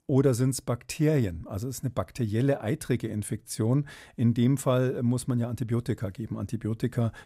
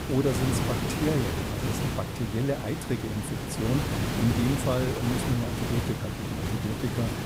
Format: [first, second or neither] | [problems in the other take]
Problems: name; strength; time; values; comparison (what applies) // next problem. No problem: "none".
first | hiss; loud; throughout; as loud as the speech